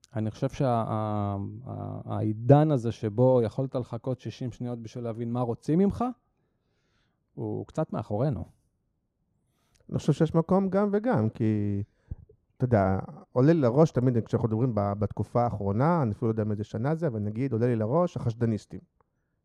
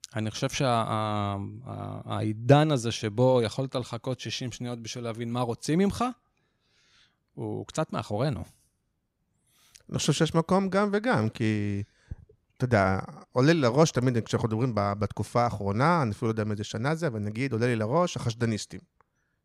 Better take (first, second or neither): second